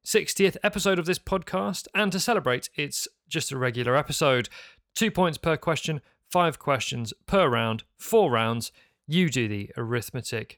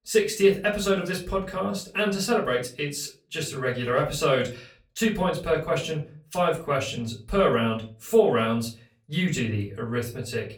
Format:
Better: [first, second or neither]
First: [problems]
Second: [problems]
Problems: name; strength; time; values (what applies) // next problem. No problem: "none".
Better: first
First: none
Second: off-mic speech; far // room echo; very slight; dies away in 0.3 s